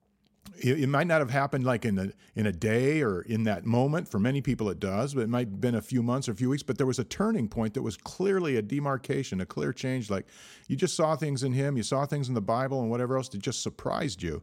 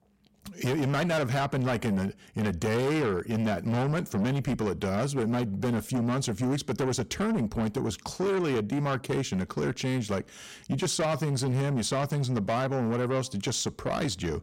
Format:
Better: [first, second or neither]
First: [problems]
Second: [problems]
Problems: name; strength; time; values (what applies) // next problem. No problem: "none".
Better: first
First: none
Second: distortion; heavy; 8 dB below the speech